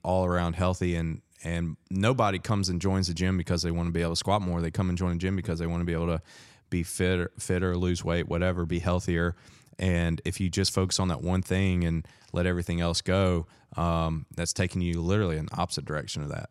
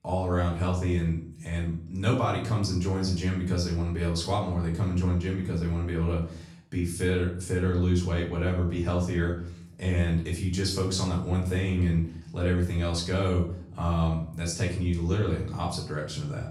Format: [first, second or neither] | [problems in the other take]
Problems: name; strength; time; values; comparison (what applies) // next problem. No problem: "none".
first | off-mic speech; far // room echo; slight; dies away in 0.5 s